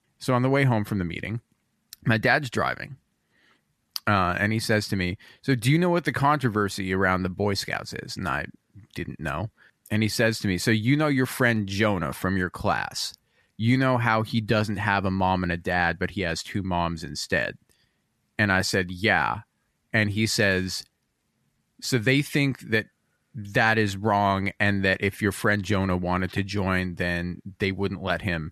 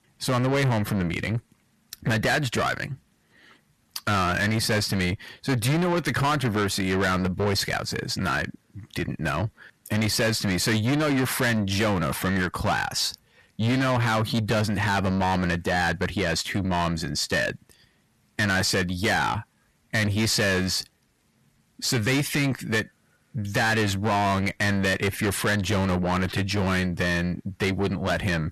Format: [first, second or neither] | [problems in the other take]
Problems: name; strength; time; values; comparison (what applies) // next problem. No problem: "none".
first | distortion; heavy; 6 dB below the speech